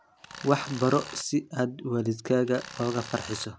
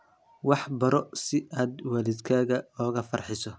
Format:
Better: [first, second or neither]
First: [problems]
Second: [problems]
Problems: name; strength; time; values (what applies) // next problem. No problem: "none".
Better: second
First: background sound (Tools); 14 dB below the speech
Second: none